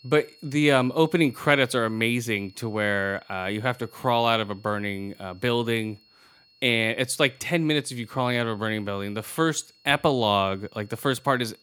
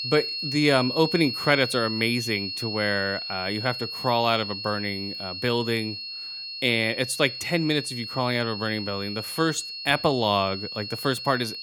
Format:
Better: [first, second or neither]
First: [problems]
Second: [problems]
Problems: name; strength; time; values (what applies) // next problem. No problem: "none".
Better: first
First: high-pitched whine; faint; throughout; 4.5 kHz, 30 dB below the speech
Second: high-pitched whine; loud; throughout; 4.5 kHz, 6 dB below the speech